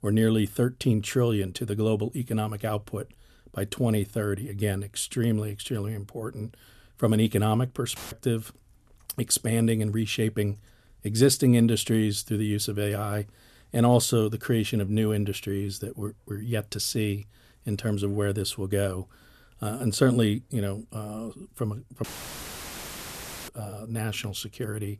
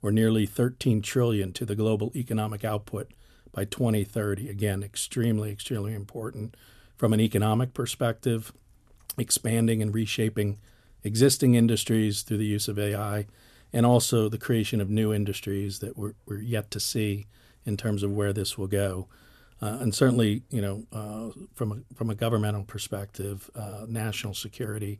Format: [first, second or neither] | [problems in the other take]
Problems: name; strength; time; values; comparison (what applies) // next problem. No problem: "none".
second | audio cutting out; filled with static; at 8 s and at 22 s for 1.5 s